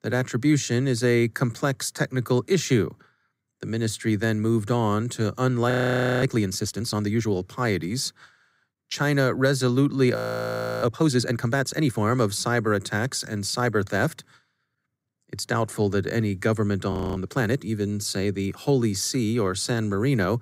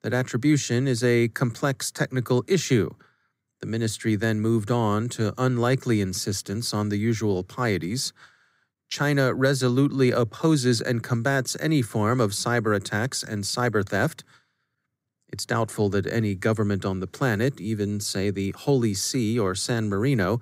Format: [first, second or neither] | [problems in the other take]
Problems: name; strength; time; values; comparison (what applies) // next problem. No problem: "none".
second | audio freezing; at 5.5 s for 0.5 s, at 10 s for 0.5 s and at 17 s